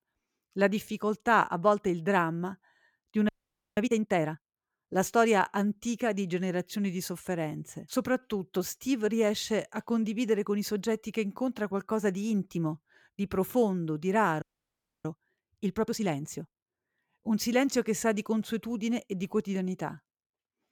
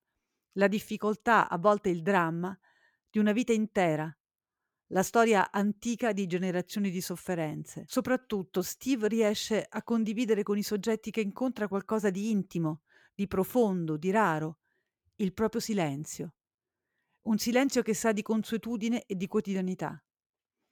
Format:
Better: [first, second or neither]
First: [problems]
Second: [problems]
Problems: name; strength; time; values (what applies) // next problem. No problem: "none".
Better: second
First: audio freezing; at 3.5 s and at 14 s for 0.5 s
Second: none